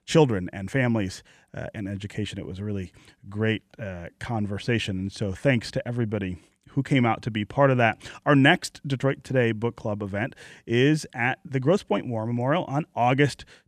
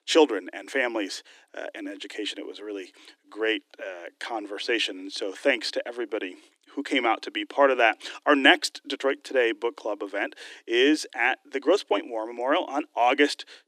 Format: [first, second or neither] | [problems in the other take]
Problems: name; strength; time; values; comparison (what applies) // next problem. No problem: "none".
first | thin; somewhat; fading below 300 Hz